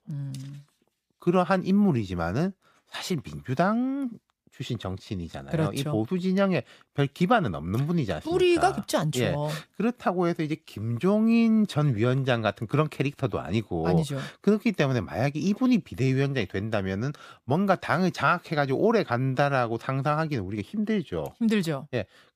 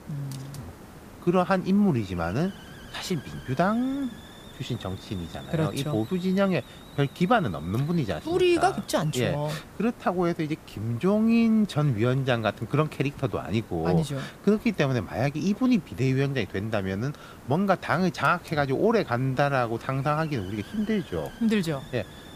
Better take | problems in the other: first | hiss; noticeable; throughout; 20 dB below the speech

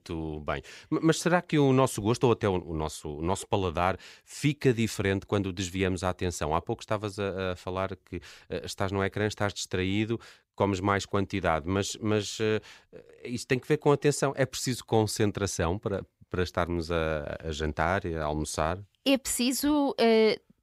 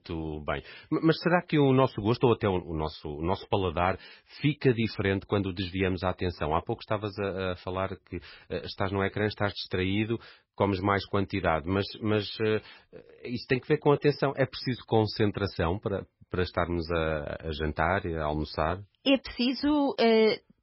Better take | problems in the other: first | garbled, watery; badly; nothing above 5.5 kHz

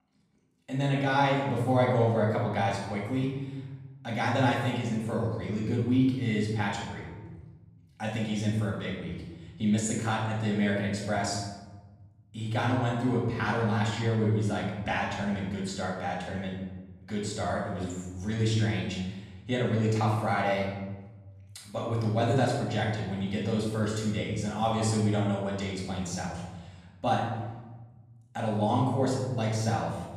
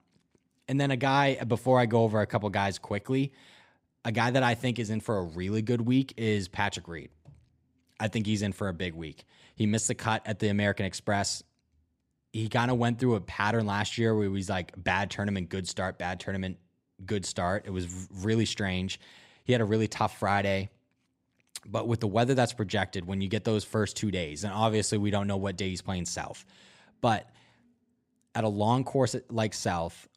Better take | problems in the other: second | room echo; noticeable; dies away in 1.3 s // off-mic speech; far

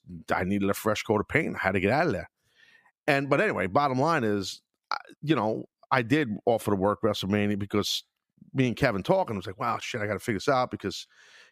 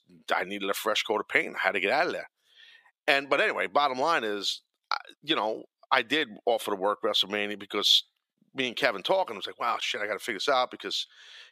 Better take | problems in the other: first | thin; somewhat; fading below 450 Hz

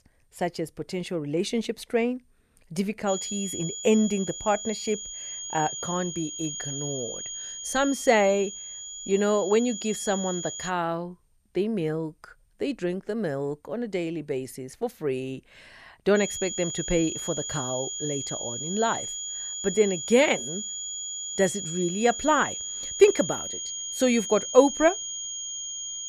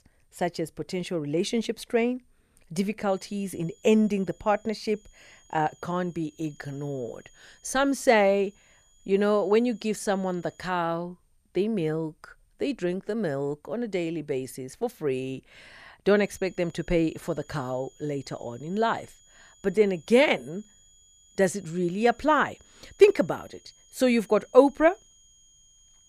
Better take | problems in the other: second | high-pitched whine; loud; from 3 to 11 s and from 16 s on; 7 kHz, 6 dB below the speech; faint in the second

